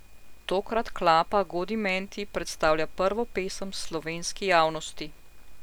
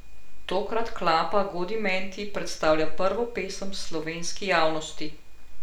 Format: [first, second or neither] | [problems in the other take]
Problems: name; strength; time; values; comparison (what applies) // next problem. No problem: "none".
first | room echo; dies away in 0.4 s